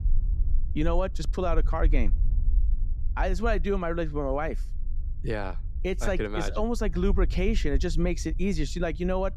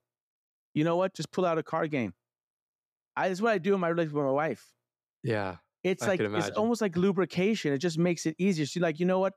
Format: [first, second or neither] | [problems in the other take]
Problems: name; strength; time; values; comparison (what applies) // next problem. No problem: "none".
second | low rumble; faint; throughout; 20 dB below the speech